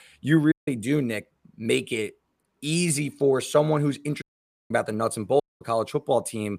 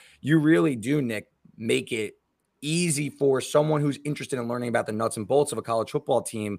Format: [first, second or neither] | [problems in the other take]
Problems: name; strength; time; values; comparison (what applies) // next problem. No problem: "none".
second | audio cutting out; at 0.5 s, at 4 s and at 5.5 s